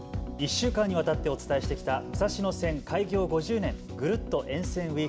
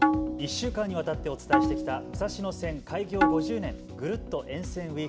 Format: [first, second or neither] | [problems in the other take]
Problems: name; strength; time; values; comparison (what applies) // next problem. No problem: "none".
first | background sound (Tabla); 2 dB above the speech